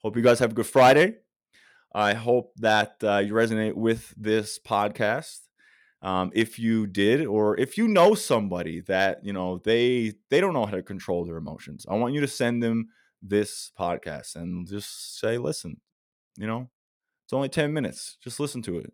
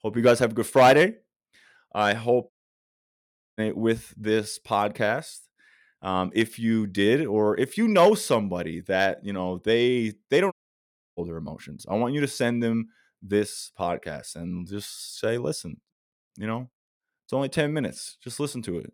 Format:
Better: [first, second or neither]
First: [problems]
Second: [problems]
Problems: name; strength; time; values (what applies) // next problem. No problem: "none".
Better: first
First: none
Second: audio cutting out; at 2.5 s for 1 s and at 11 s for 0.5 s